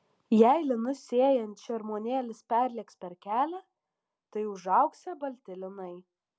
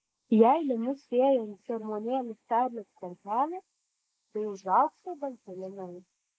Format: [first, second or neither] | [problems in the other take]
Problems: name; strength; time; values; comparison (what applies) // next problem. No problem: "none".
first | noise reduction (neural mask model Resemble Enhance denoiser)